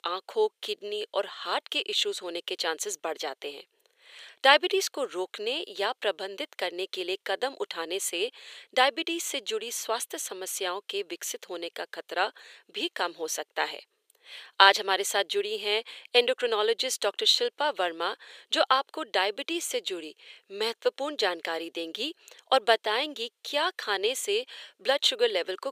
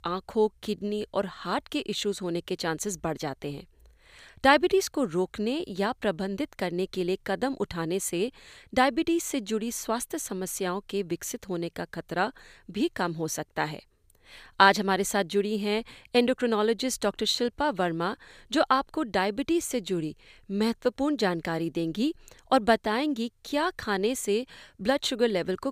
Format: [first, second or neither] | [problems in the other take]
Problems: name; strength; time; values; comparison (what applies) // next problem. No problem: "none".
second | thin; very; fading below 450 Hz